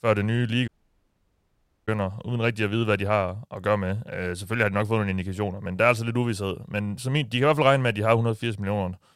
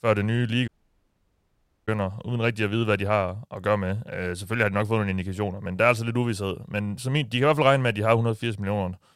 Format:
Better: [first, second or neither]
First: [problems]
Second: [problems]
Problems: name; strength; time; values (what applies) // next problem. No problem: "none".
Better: neither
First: audio cutting out; at 0.5 s for 1 s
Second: audio cutting out; at 0.5 s for 1 s